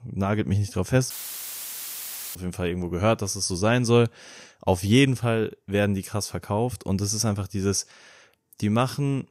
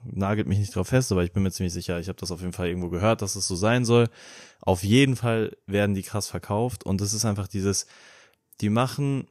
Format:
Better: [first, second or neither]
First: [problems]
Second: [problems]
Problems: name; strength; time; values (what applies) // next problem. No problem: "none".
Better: second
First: audio cutting out; filled with static; at 1 s for 1.5 s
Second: none